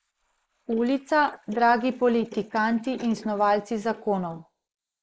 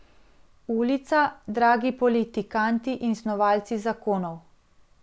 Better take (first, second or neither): second